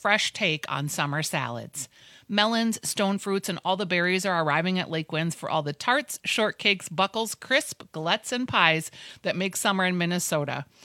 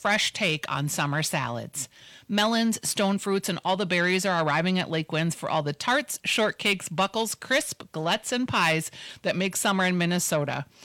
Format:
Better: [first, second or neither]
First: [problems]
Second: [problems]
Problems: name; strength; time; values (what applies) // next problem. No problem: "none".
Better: first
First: none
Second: distortion; slight; 10 dB below the speech